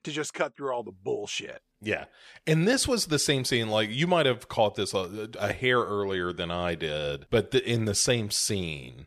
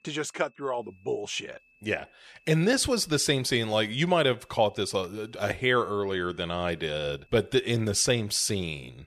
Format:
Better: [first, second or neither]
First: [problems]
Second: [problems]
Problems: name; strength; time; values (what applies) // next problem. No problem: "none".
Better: first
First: none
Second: high-pitched whine; faint; throughout; 2.5 kHz, 35 dB below the speech